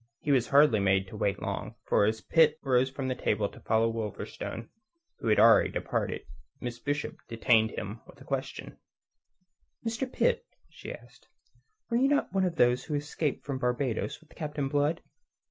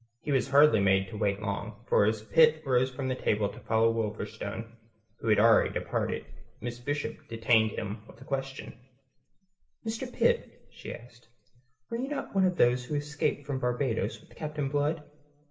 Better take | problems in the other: first | room echo; dies away in 0.7 s

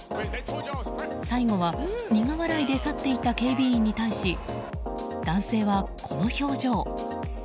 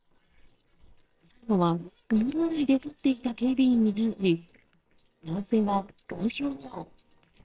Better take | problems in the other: first | noise reduction (neural separator model SepFormer WHAMR!)

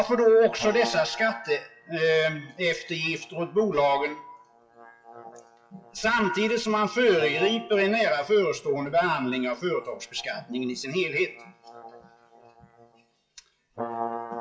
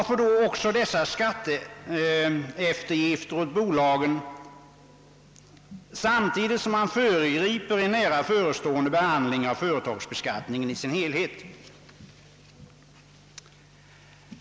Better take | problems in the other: second | noise reduction (classical method WPE with log-MMSE)

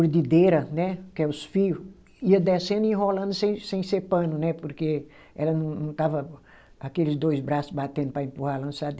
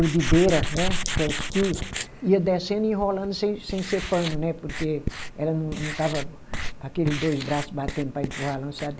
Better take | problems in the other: first | noise reduction (neural mask model Resemble Enhance denoiser)

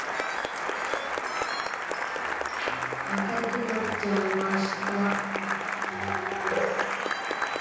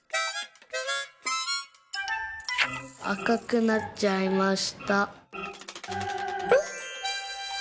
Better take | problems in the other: second | background sound (Applause); 2 dB above the speech // room echo; dies away in 1.3 s

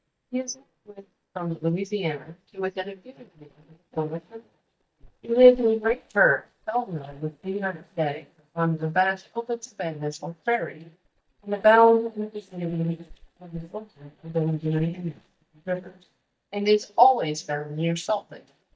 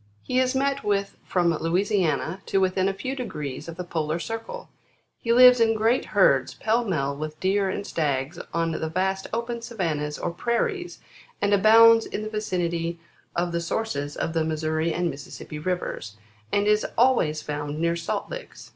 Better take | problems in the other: second | noise reduction (neural mask model DeepFilterNet 3)

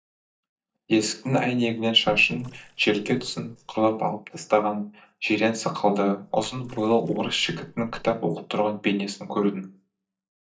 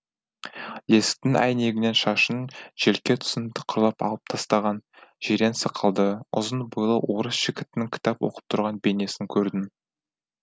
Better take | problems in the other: second | noise reduction (neural mask model DeepFilterNet 3)

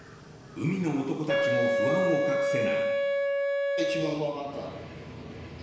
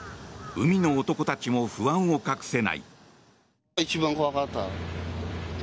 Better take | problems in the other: second | background sound (Wind instrument, woodwind instrument); 4 dB above the speech // room echo; dies away in 1 s

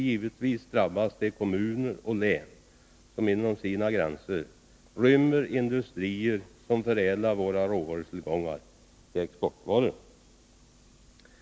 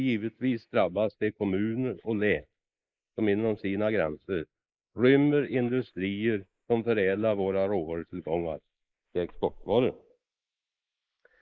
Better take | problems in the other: first | noise reduction (neural mask model Resemble Enhance denoiser)

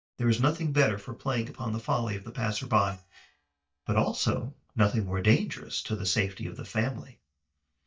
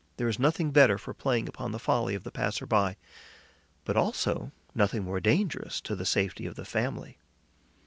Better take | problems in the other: second | noise reduction (neural mask model DeepFilterNet 3)

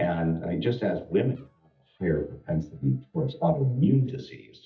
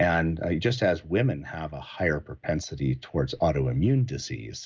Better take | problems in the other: second | noise reduction (neural mask model DeepFilterNet 3)

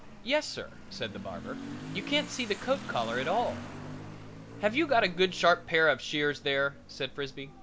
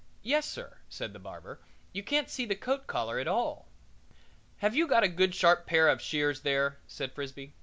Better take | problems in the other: second | background sound (Motorcycle / Accelerating, revving, vroom); 13 dB below the speech

